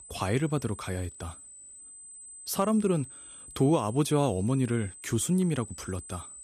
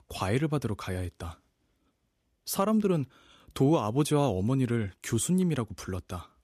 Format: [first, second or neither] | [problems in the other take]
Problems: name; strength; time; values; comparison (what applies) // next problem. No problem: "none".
second | high-pitched whine; noticeable; throughout; 8 kHz, 15 dB below the speech